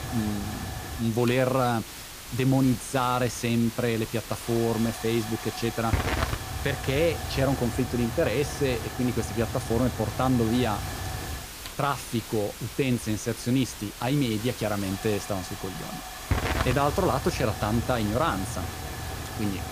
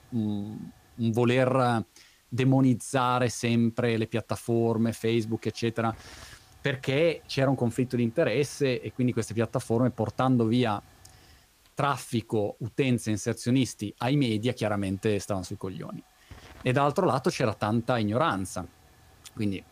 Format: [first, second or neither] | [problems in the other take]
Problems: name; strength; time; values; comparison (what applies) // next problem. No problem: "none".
second | hiss; loud; throughout; 7 dB below the speech; faint in the second